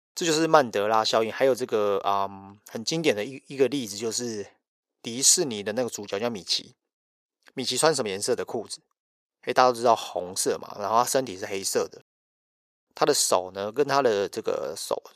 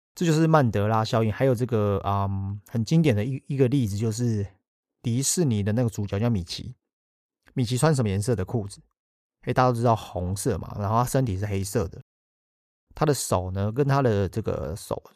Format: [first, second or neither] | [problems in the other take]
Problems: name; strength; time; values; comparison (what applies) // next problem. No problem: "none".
second | thin; somewhat; fading below 450 Hz